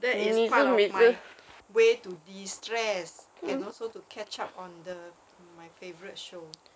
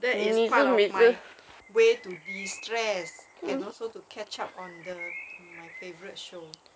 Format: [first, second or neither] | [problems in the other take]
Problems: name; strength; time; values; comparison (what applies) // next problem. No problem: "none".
first | background sound (Bird); 18 dB below the speech